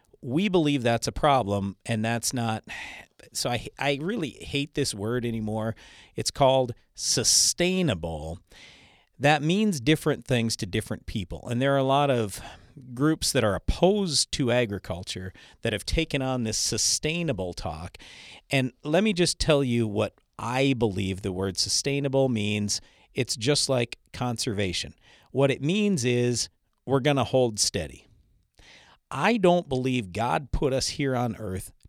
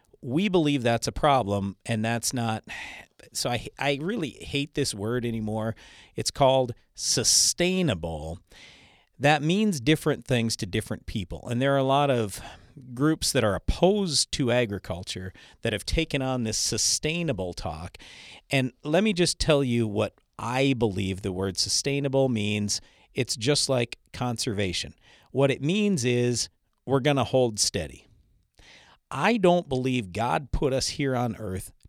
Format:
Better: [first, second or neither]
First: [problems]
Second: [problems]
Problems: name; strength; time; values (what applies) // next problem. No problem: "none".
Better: neither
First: none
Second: none